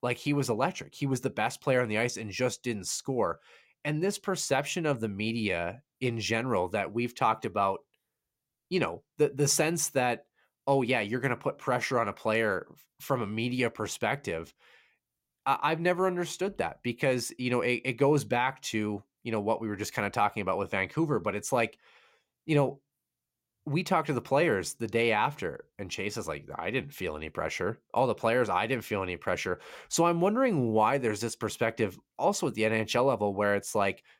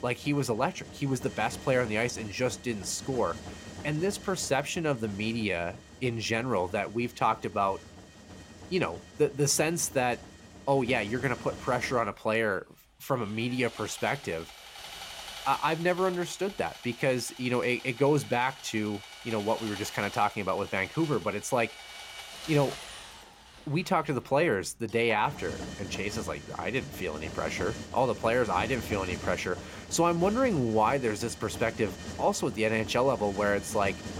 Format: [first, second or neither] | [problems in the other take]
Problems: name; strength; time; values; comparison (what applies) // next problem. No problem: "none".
first | machinery noise; noticeable; throughout; 15 dB below the speech